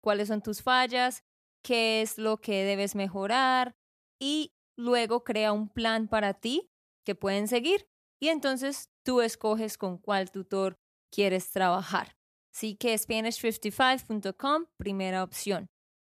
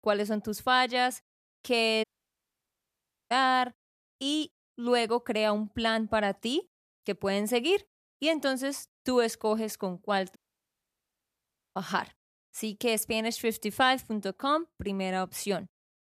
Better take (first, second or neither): first